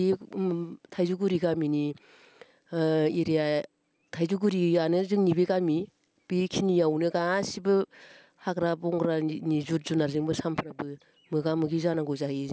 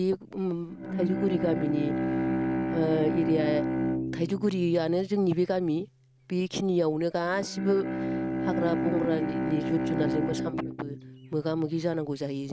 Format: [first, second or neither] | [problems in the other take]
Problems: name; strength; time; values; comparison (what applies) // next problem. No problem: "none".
first | noise reduction (neural mask model RNNoise)